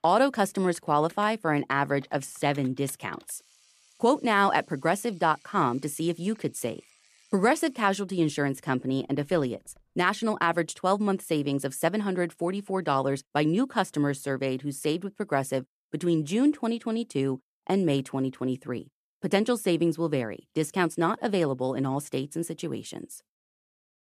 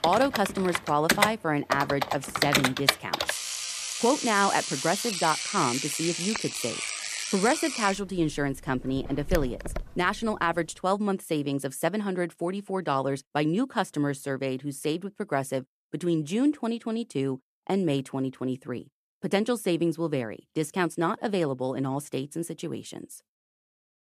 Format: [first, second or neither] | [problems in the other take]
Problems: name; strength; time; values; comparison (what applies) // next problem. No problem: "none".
first | household noises; loud; until 11 s; 1 dB below the speech; faint in the first